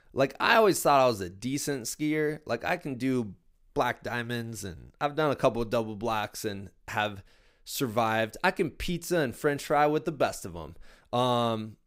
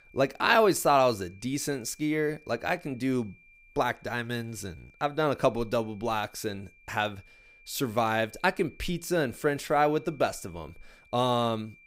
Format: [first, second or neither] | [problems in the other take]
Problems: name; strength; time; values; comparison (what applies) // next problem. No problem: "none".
first | high-pitched whine; faint; throughout; 2.5 kHz, 30 dB below the speech